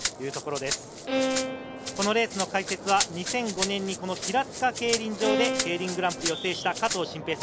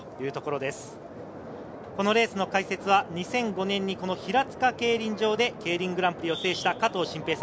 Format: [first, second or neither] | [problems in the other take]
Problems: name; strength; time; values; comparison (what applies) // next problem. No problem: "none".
second | background sound (Rattle (instrument) + Bowed string instrument); 3 dB below the speech